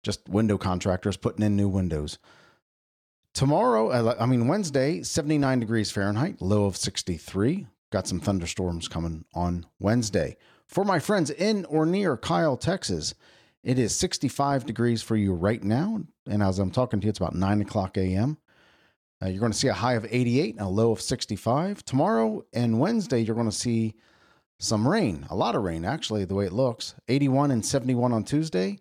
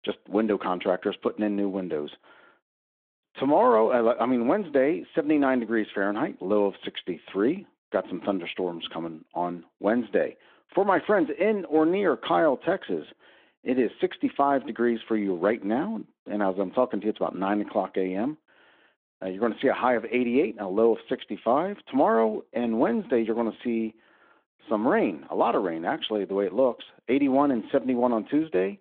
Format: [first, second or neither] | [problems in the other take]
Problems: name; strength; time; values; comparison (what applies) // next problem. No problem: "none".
first | phone-call audio